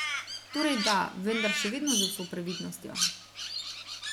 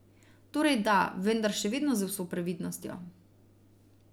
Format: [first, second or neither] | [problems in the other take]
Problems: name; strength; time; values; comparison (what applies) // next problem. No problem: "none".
second | background sound (Crow); 1 dB below the speech